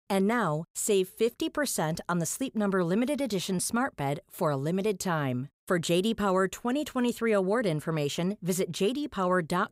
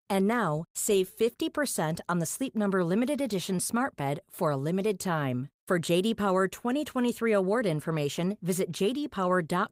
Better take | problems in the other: first | garbled, watery; slightly; nothing above 15.5 kHz

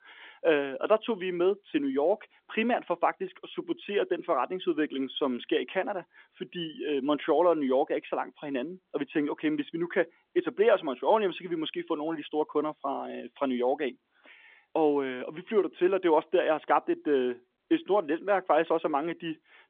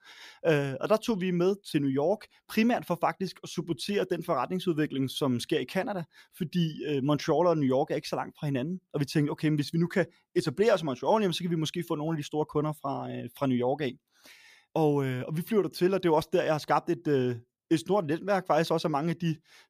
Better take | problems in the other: second | phone-call audio; nothing above 3.5 kHz

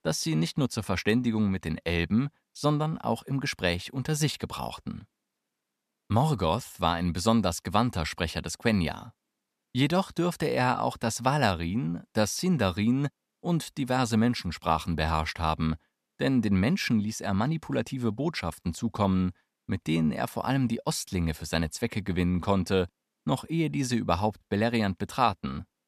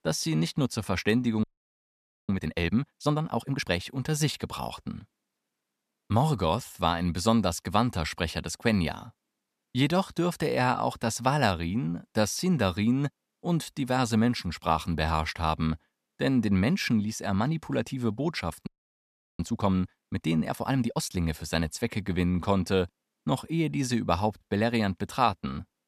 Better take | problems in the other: first | audio freezing; at 1.5 s for 1 s and at 19 s for 0.5 s

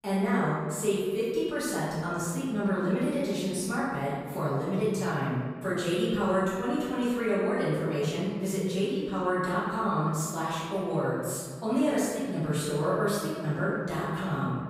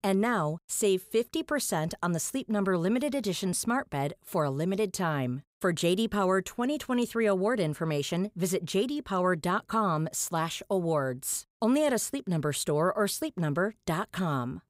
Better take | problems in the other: second | room echo; strong; dies away in 1.7 s // off-mic speech; far

